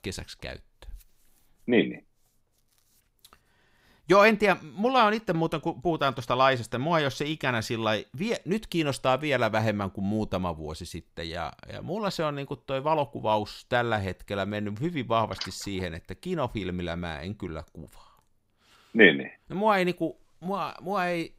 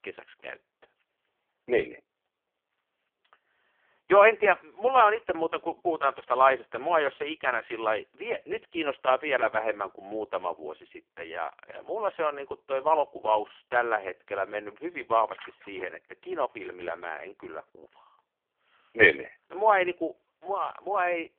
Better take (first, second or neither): first